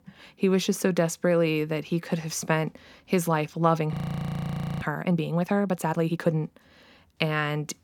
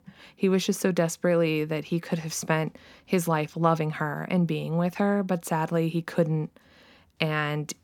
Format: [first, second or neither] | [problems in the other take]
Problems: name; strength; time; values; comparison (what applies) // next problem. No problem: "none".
second | audio freezing; at 4 s for 1 s